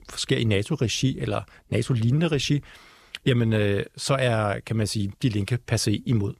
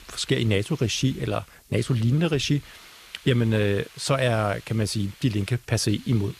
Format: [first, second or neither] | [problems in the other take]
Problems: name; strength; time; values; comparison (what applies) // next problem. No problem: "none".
first | hiss; faint; throughout; 20 dB below the speech